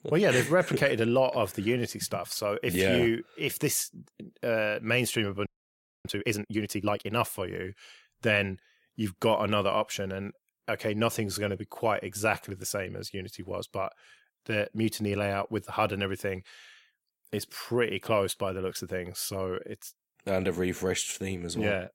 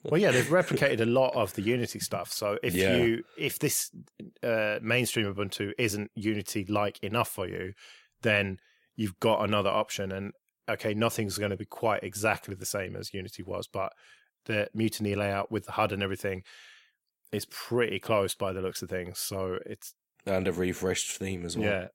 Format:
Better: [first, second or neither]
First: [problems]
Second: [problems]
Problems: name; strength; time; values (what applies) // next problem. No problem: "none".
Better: second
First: audio freezing; at 5.5 s for 0.5 s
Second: none